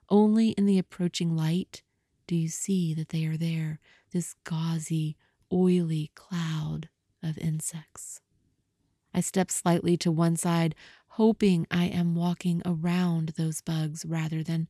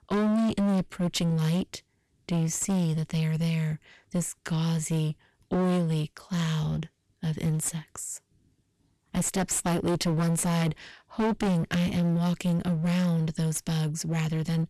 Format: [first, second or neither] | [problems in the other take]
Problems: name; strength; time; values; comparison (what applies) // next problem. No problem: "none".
first | distortion; heavy; 23% of the sound clipped